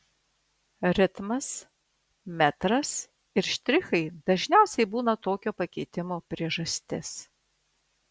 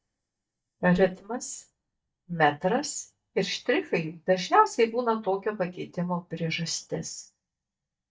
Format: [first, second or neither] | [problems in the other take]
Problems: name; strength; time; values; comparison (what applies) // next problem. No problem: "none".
first | noise reduction (neural mask model DeepFilterNet 3)